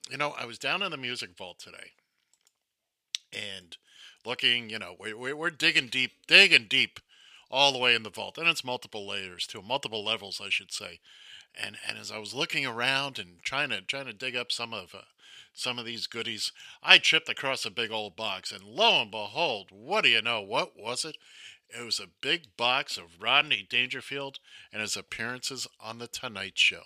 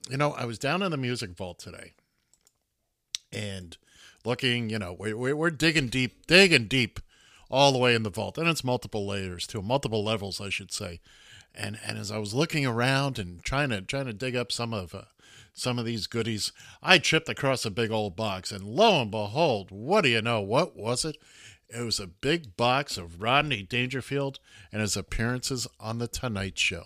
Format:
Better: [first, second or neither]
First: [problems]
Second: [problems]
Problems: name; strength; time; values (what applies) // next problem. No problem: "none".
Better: second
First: thin; somewhat; fading below 850 Hz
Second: none